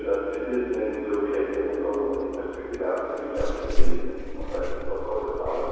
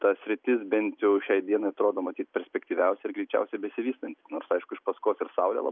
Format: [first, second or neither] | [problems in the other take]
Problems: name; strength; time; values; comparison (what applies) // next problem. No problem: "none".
second | background sound (Clock); 3 dB above the speech // room echo; dies away in 2.2 s